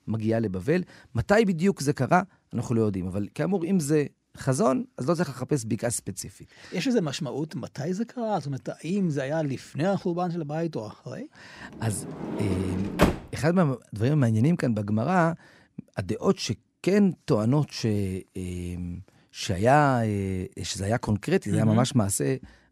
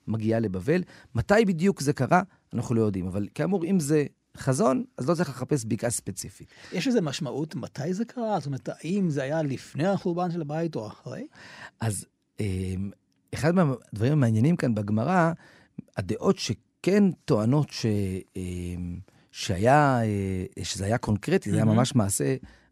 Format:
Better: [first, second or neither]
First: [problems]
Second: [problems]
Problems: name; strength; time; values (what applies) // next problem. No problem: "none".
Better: second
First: door banging; loud; at 12 s; peak 2 dB above the speech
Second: none